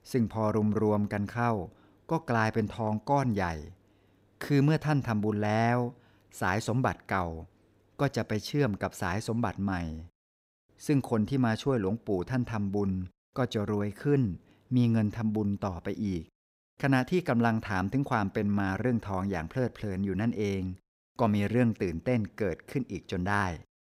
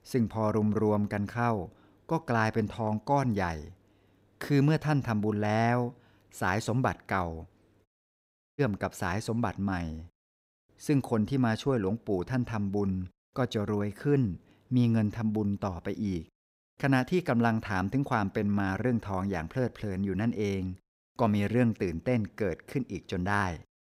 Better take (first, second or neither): first